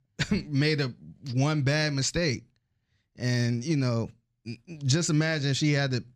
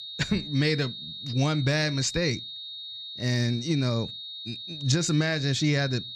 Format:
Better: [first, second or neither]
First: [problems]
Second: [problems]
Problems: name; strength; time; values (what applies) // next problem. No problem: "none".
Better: first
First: none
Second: high-pitched whine; loud; throughout; 4 kHz, 10 dB below the speech